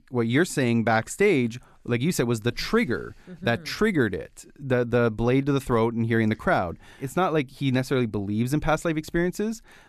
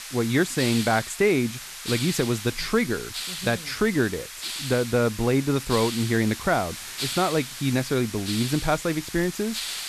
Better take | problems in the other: first | hiss; loud; throughout; 8 dB below the speech

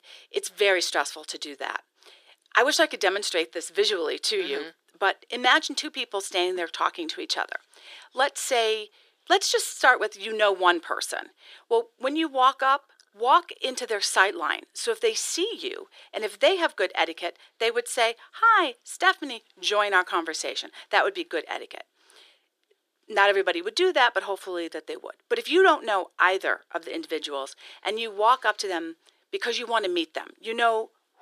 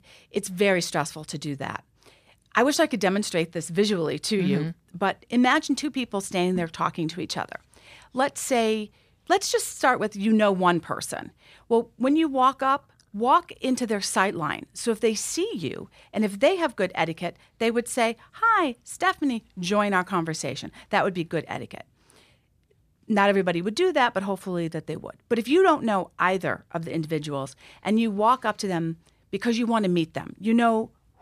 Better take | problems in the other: second | thin; very; fading below 350 Hz

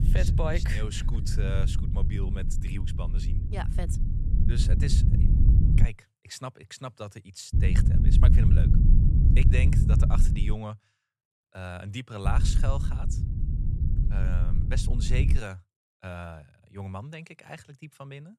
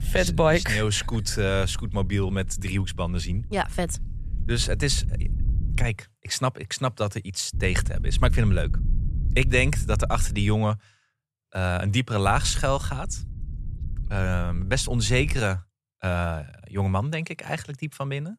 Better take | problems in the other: second | low rumble; loud; until 6 s, from 7.5 to 11 s and from 12 to 15 s; 2 dB below the speech; faint in the second

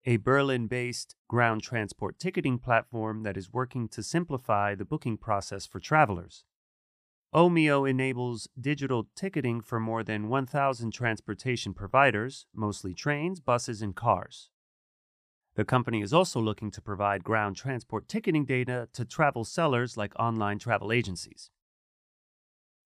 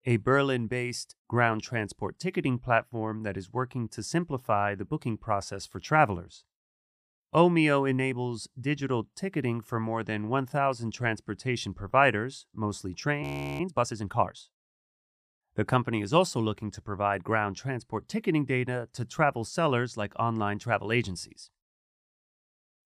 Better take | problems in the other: first | audio freezing; at 13 s

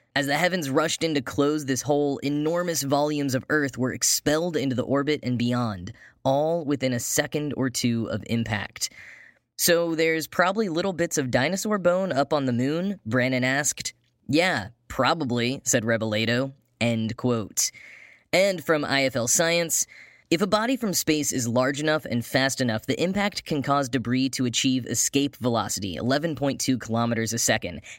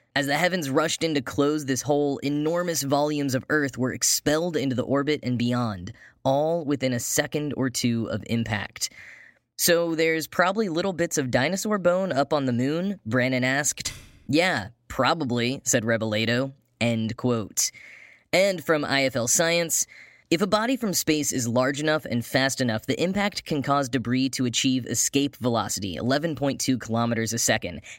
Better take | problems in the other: first | keyboard typing; faint; at 14 s; peak 15 dB below the speech

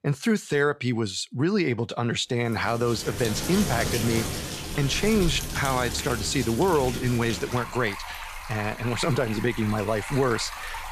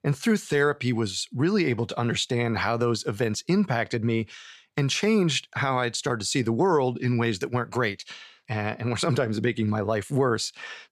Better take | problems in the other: second | rain or running water; loud; from 3 s on; 7 dB below the speech

